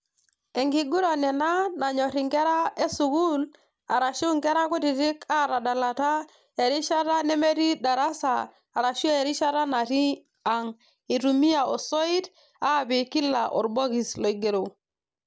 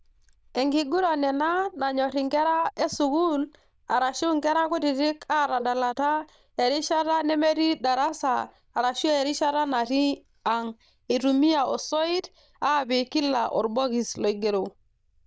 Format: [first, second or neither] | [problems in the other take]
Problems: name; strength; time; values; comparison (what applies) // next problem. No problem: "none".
first | noise reduction (neural diffusion model UNIVERSE++)